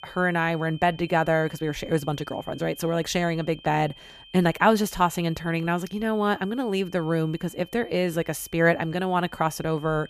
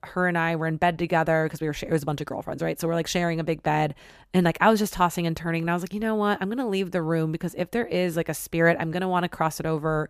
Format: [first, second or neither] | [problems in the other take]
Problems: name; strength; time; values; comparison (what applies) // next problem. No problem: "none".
second | high-pitched whine; faint; throughout; 3 kHz, 20 dB below the speech